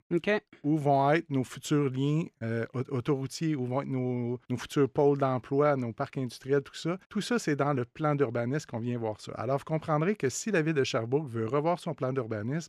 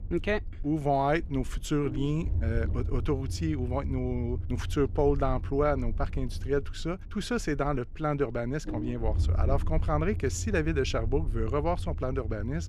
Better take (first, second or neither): first